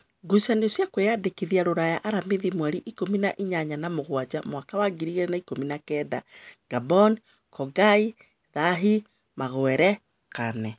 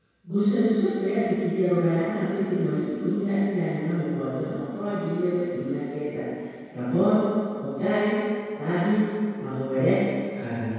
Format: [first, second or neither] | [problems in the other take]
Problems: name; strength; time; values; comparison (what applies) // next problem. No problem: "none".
first | room echo; dies away in 2 s